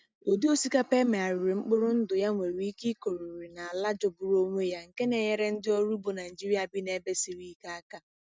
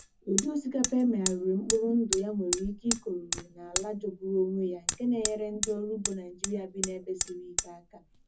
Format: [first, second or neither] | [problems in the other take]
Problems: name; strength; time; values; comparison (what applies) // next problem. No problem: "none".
first | background sound (Hammer); 4 dB below the speech // room echo; dies away in 0.3 s